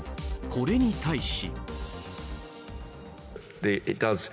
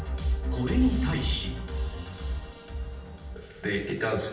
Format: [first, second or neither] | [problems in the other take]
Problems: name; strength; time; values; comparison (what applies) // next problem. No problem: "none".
first | room echo; dies away in 0.7 s